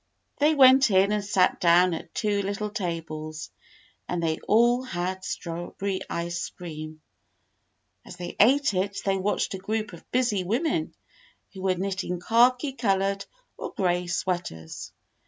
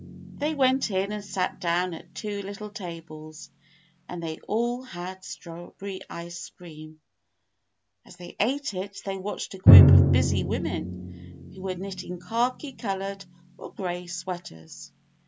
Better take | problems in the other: first | background sound (Drum); 4 dB above the speech

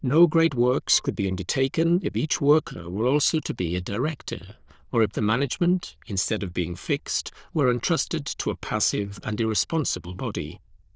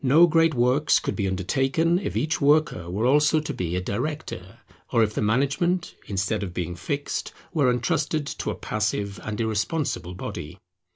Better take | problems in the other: second | noise reduction (neural diffusion model UNIVERSE++)

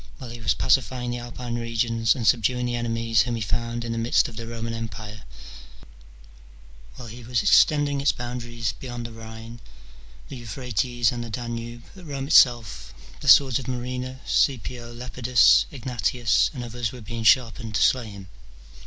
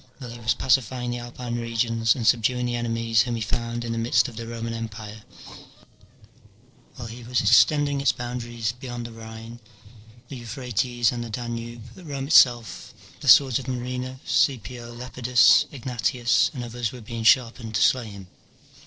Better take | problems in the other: first | noise reduction (neural separator model SepFormer DNS4)

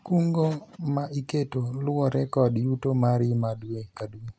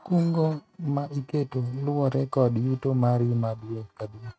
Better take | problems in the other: first | noise reduction (neural mask model RNNoise)

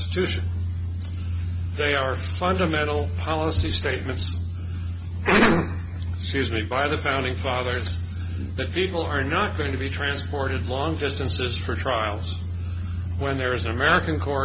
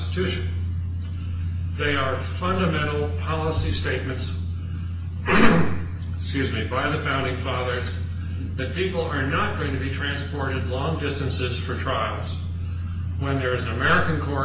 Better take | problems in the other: first | room echo; dies away in 0.8 s

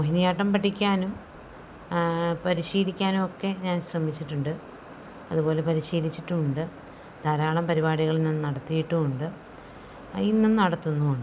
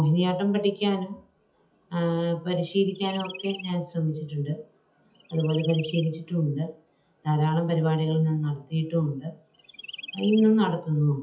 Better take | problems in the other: first | noise reduction (classical method WPE with log-MMSE)

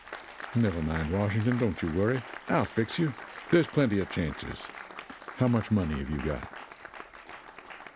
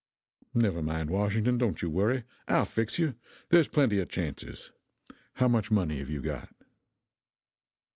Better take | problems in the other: second | background sound (Applause); 14 dB below the speech

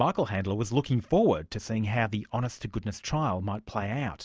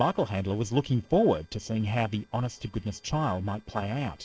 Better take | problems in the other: first | noise reduction (neural separator model SepFormer DNS4)

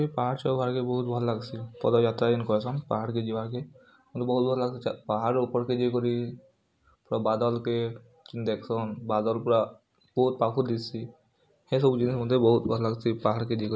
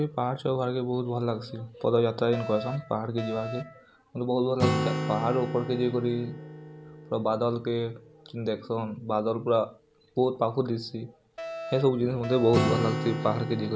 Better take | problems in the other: first | background sound (Acoustic guitar + Alarm); 7 dB below the speech

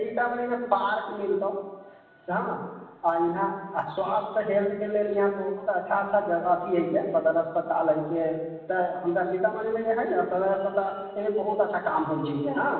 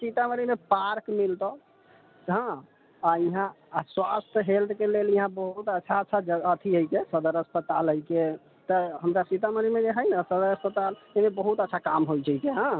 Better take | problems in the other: second | room echo; dies away in 1.1 s

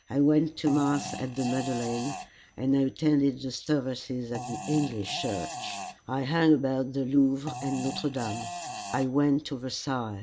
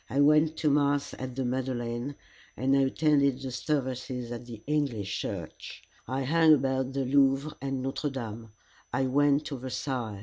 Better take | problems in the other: second | background sound (Fart); 12 dB below the speech

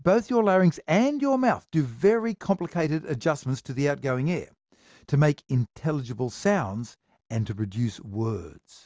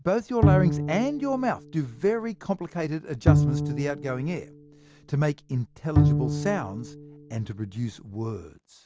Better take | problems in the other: first | background sound (Bowed string instrument); 1 dB above the speech

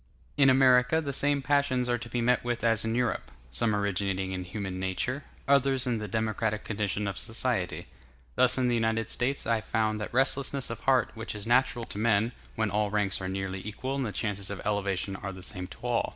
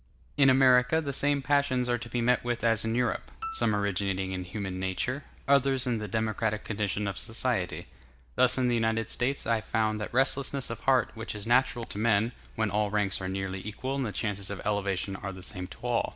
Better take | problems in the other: first | background sound (Piano); 15 dB below the speech

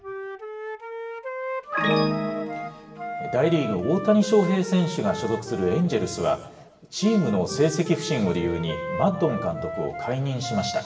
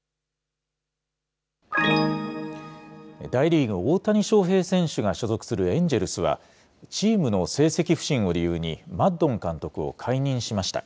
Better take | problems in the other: second | background sound (Wind instrument, woodwind instrument); 10 dB below the speech // room echo; dies away in 1 s

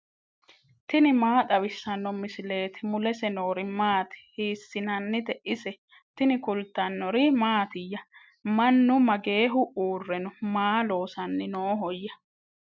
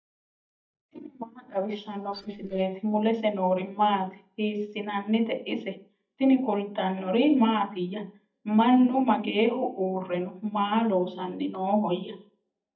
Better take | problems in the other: first | noise reduction (neural mask model DeepFilterNet 3)

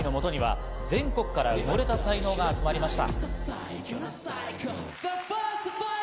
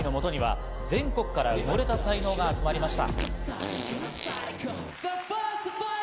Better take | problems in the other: first | background sound (Fart); 11 dB below the speech

